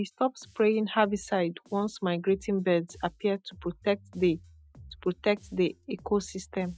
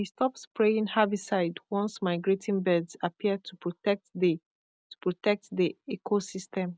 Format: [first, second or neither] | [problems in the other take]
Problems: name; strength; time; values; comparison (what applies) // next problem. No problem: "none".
second | noise reduction (classical method Wiener filter)